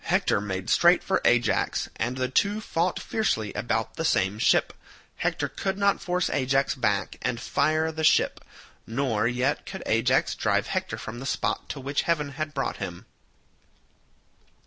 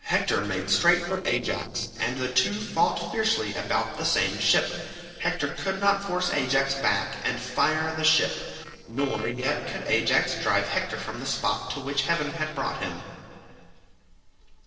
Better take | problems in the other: first | noise reduction (neural separator model SepFormer DNS4)

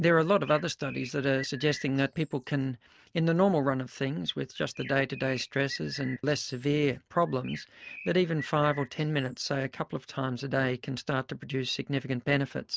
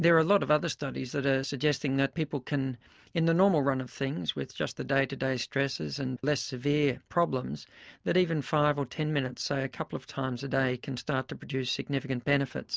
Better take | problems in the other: second | noise reduction (neural mask model RNNoise)

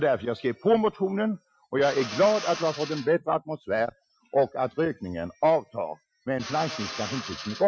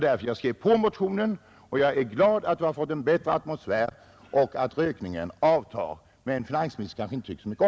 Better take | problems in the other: second | noise reduction (classical method Wiener filter)

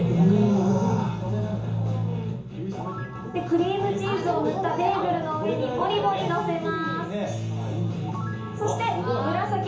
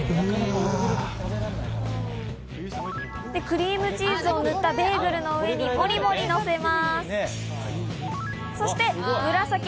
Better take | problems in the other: second | room echo; dies away in 0.8 s

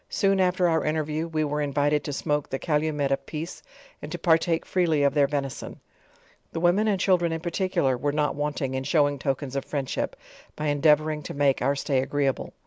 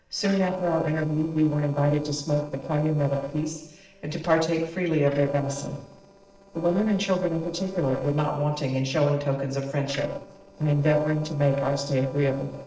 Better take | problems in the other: first | noise reduction (neural separator model SepFormer DNS4)

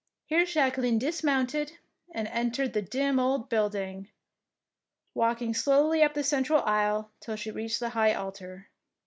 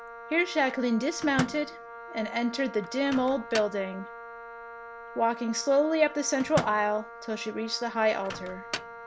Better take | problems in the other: first | background sound (Microwave oven + Wind instrument, woodwind instrument); 11 dB below the speech

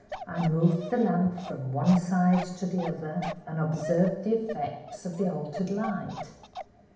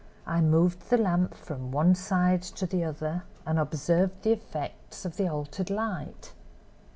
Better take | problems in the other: second | background sound (Bark); 13 dB below the speech // room echo; dies away in 0.8 s

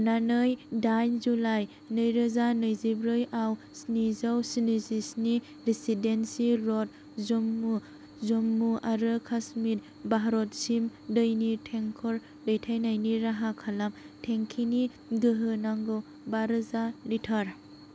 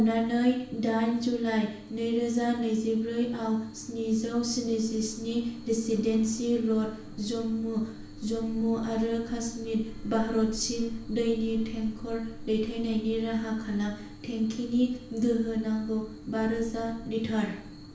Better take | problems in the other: first | background sound (Sliding door); 17 dB below the speech // room echo; dies away in 0.5 s

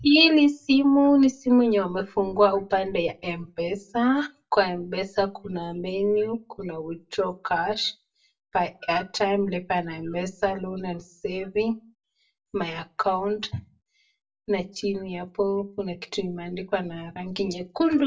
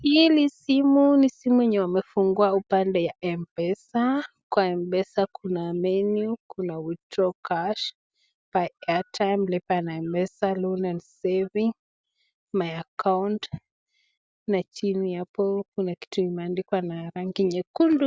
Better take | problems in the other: second | room echo; dies away in 0.1 s

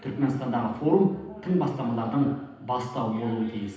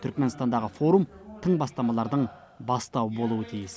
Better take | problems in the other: second | room echo; dies away in 0.9 s

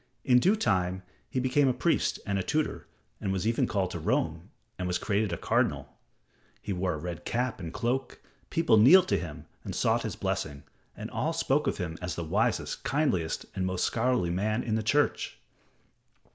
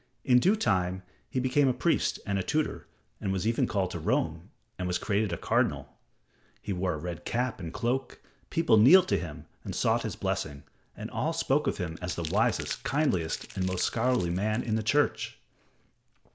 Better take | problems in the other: first | background sound (Crumpling, crinkling); 18 dB below the speech

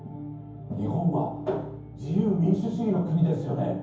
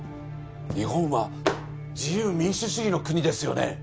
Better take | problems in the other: second | room echo; dies away in 0.9 s

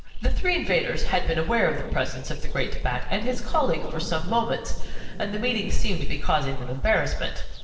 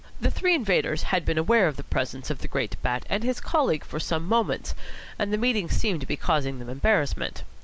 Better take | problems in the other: second | noise reduction (neural separator model SepFormer DNS4)

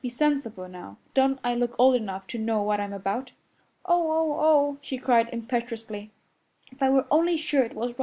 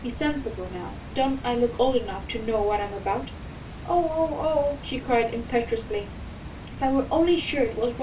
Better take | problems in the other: first | background sound (Water); 12 dB below the speech // room echo; dies away in 0.2 s

